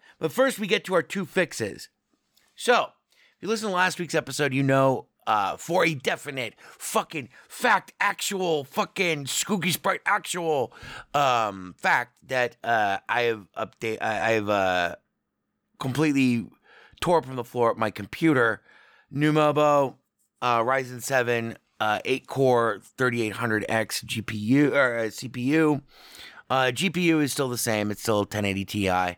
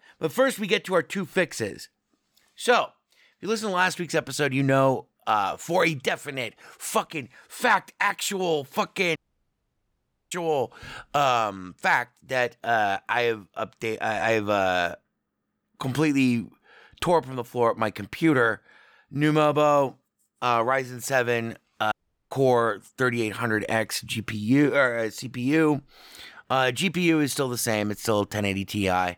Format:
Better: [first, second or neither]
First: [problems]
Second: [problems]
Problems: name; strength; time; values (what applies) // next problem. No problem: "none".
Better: first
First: none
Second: audio cutting out; at 9 s for 1 s and at 22 s